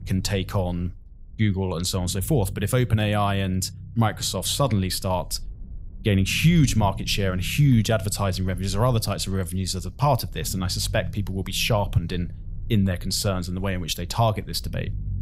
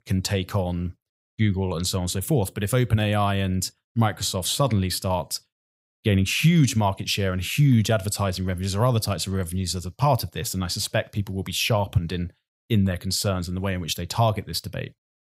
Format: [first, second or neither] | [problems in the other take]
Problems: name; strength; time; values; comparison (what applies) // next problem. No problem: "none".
second | low rumble; faint; throughout; 25 dB below the speech